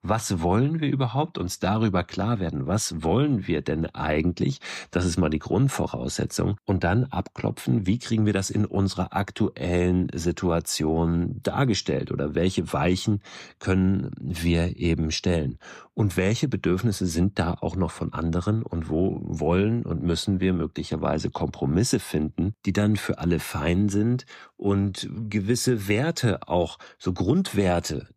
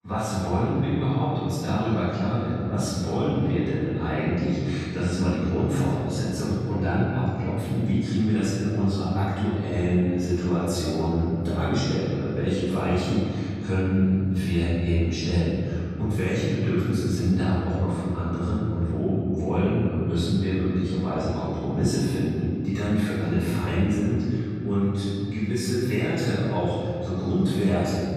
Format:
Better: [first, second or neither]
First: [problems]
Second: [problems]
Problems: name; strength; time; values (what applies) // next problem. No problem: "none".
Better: first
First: none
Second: room echo; strong; dies away in 2.5 s // off-mic speech; far